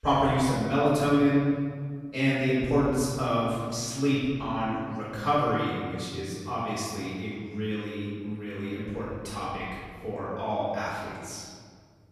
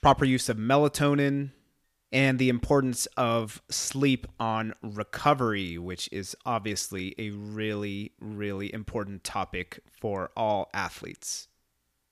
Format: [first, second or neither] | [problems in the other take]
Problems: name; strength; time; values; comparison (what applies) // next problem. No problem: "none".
second | off-mic speech; far // room echo; strong; dies away in 2 s